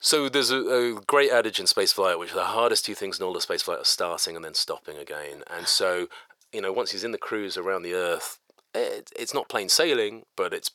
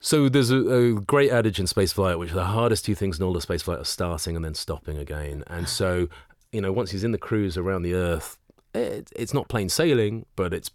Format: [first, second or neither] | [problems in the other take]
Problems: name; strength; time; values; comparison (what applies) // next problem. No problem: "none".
second | thin; very; fading below 600 Hz